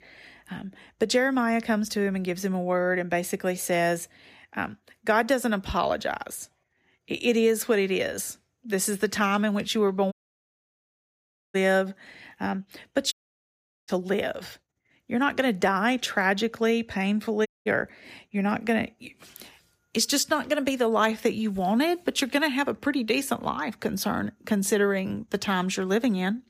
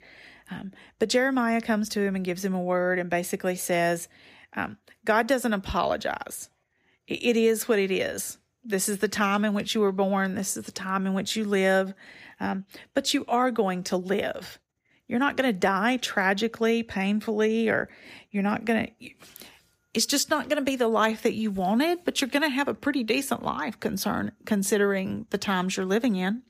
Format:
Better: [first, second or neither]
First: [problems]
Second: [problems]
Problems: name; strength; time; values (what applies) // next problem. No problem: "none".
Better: second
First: audio cutting out; at 10 s for 1.5 s, at 13 s for 1 s and at 17 s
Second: none